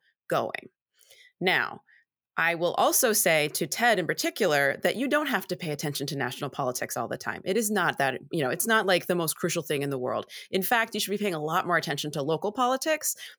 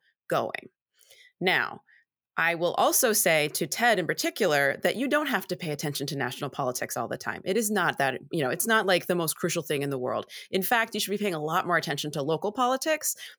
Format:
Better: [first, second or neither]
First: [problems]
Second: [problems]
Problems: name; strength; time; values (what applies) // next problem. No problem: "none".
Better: neither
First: none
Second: none